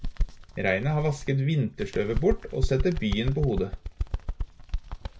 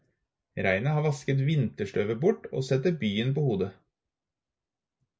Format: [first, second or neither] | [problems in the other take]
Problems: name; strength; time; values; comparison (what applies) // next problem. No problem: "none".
second | background sound (Bird); 3 dB below the speech